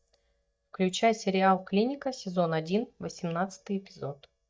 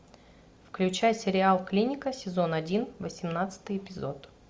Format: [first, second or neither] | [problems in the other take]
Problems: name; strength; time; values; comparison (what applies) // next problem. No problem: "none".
second | noise reduction (neural mask model DeepFilterNet 3)